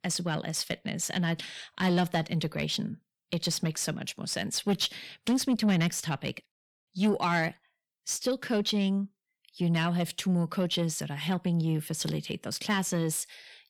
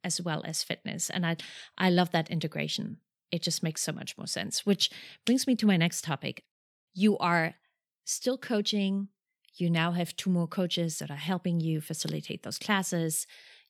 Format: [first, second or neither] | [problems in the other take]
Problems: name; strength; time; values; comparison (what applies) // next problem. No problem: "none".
second | distortion; slight; 10 dB below the speech